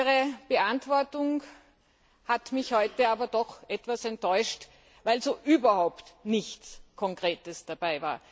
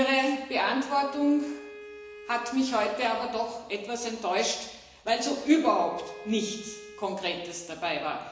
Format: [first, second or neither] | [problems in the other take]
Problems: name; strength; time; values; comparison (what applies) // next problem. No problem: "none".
first | background sound (Bowed string instrument); 18 dB below the speech // room echo; dies away in 1 s